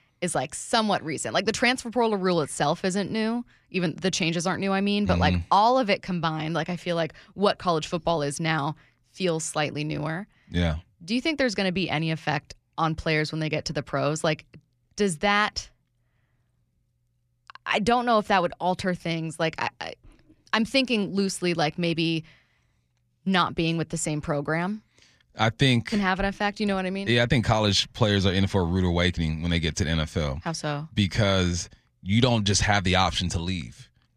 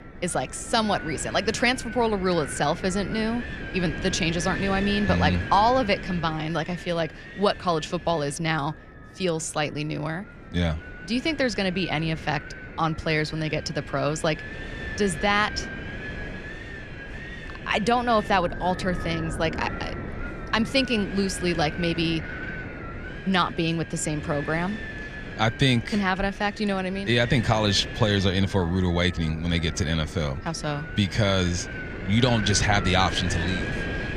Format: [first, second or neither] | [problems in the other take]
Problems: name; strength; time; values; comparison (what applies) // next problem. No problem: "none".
first | wind noise on the microphone; heavy; 10 dB below the speech